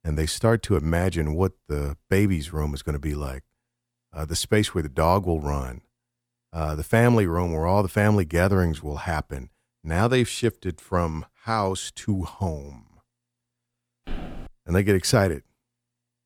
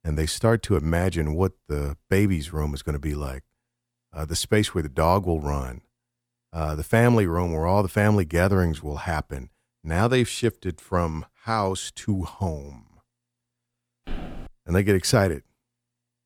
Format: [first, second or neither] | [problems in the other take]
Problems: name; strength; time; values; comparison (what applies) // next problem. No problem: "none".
neither | footsteps; faint; at 14 s; peak 15 dB below the speech; the same in both